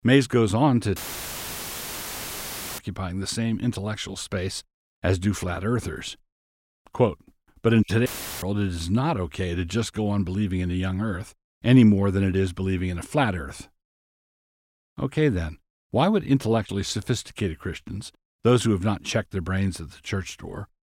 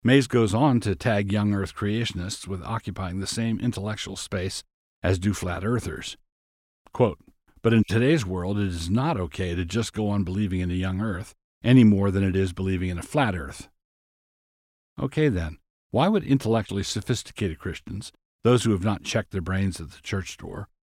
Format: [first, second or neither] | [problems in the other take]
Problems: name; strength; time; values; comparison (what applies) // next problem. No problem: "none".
second | audio cutting out; filled with static; at 1 s for 2 s and at 8 s